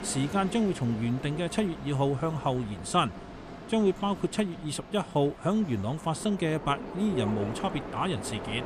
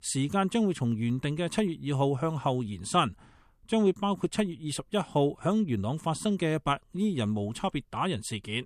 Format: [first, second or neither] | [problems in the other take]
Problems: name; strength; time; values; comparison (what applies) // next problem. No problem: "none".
second | train or aircraft noise; noticeable; throughout; 10 dB below the speech